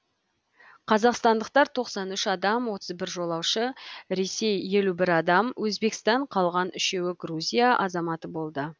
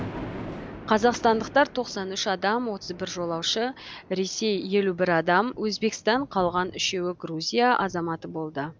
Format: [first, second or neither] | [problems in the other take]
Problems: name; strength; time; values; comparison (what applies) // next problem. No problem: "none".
first | background sound (Thunder); 16 dB below the speech